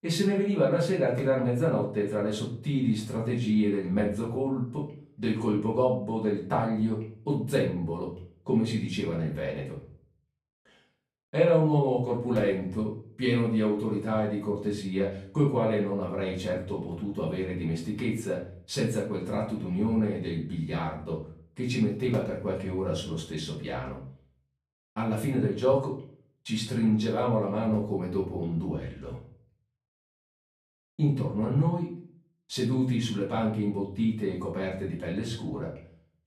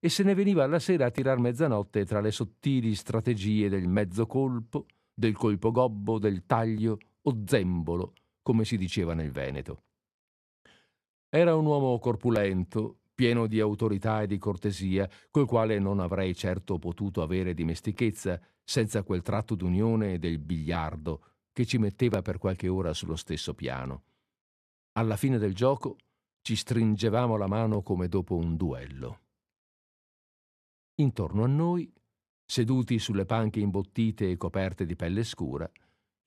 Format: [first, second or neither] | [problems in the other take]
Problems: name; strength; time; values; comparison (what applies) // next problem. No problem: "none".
second | off-mic speech; far // room echo; slight; dies away in 0.4 s